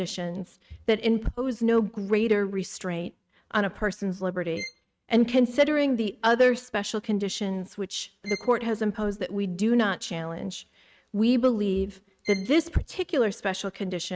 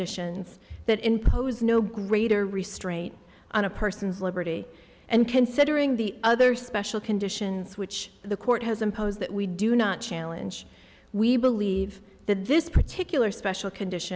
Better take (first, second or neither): second